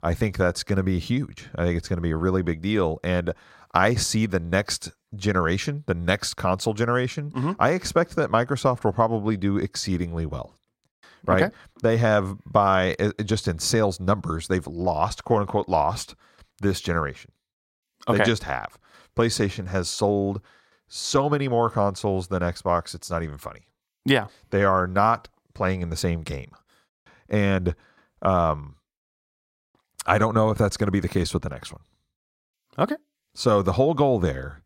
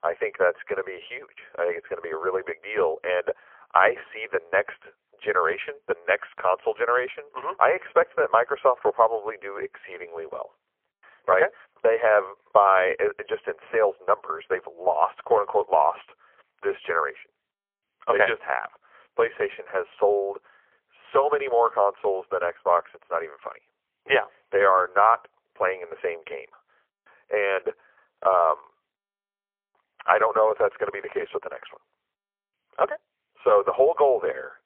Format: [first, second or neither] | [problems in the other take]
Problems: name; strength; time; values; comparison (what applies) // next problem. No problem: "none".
first | phone-call audio; poor line; nothing above 3 kHz